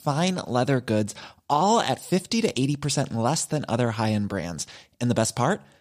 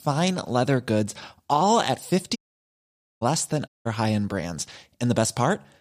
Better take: first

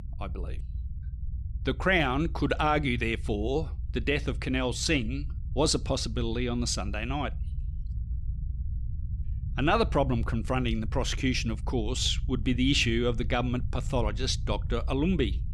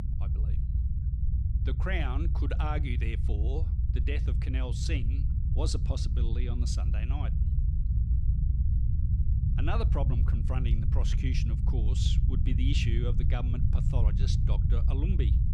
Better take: first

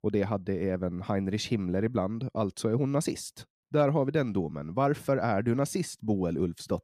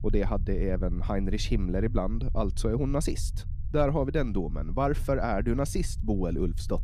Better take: first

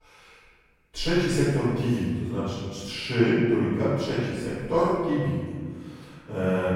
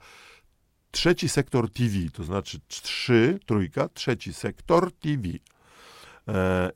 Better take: second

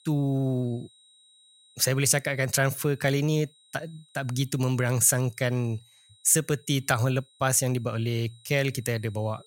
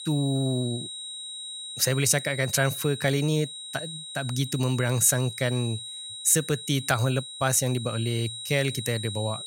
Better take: first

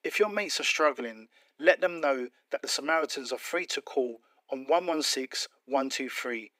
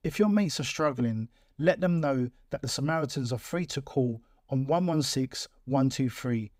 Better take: second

